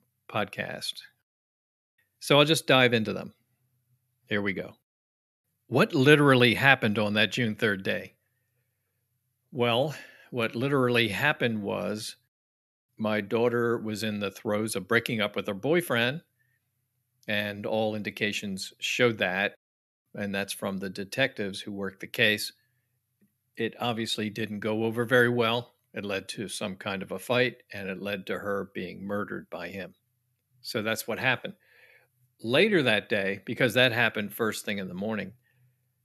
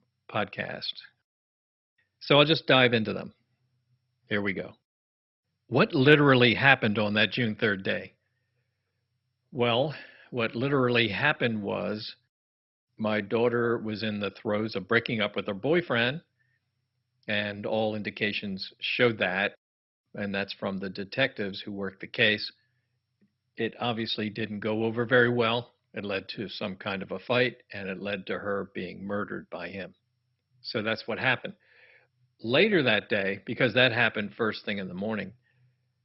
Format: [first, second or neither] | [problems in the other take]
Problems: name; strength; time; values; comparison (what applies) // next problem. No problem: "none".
first | garbled, watery; badly; nothing above 5.5 kHz